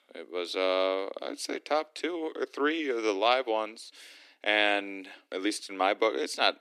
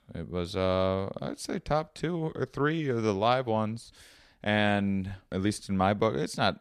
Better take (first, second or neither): second